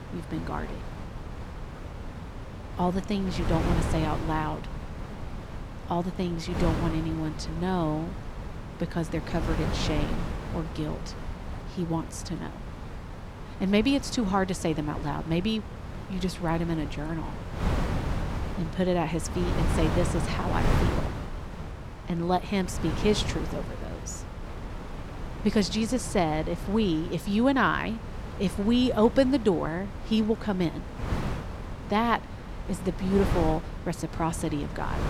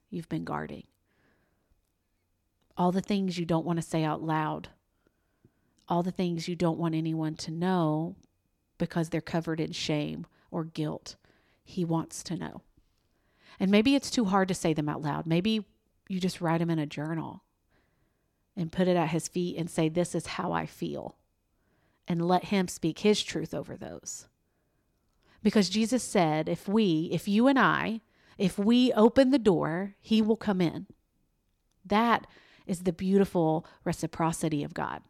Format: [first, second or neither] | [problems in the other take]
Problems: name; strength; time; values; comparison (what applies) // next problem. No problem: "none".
second | wind noise on the microphone; heavy; 9 dB below the speech